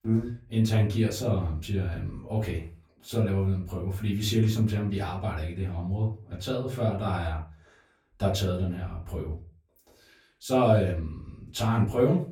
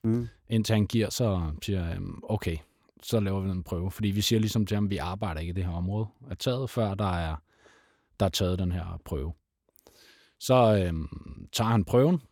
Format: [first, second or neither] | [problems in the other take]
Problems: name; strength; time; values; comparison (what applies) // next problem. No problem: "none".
second | room echo; slight; dies away in 0.3 s // off-mic speech; far